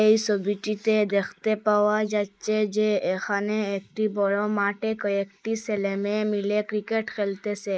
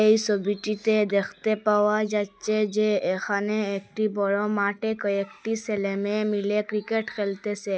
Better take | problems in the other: second | noise reduction (neural mask model Resemble Enhance denoiser)

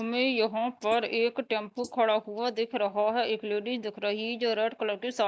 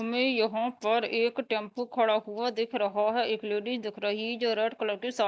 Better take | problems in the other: second | noise reduction (neural mask model Resemble Enhance denoiser)

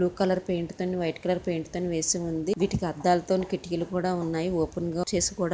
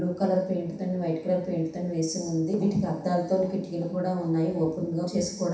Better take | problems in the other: first | room echo; dies away in 0.7 s

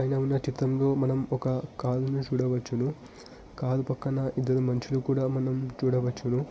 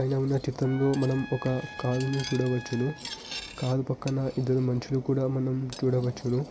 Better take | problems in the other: first | background sound (Trumpet + Cutlery, silverware); 16 dB below the speech

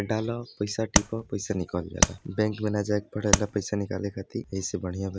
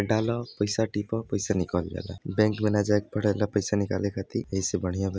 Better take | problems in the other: second | background sound (Tap); 5 dB above the speech

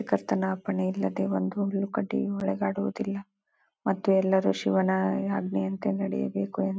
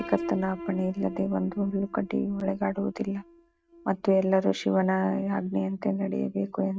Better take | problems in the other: first | noise reduction (neural mask model RNNoise)

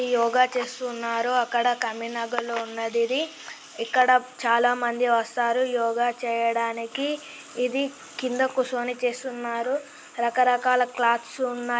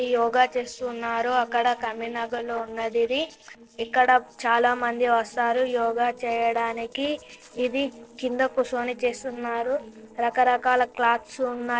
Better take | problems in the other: first | noise reduction (neural separator model SepFormer DNS4)

